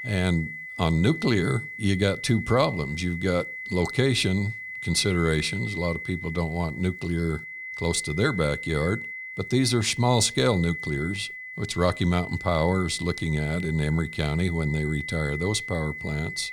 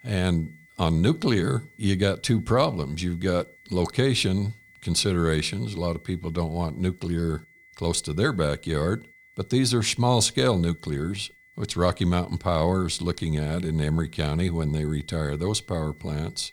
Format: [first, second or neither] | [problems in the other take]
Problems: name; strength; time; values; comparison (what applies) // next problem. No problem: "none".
second | high-pitched whine; loud; throughout; 2 kHz, 8 dB below the speech; faint in the second